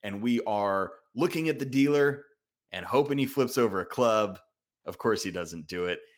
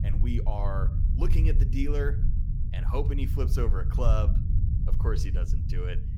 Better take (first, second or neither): first